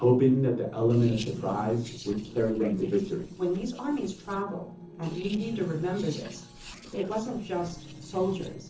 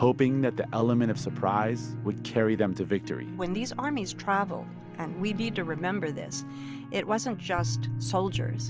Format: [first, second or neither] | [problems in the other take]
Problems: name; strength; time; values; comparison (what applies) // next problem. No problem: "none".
second | noise reduction (neural separator model SepFormer DNS4)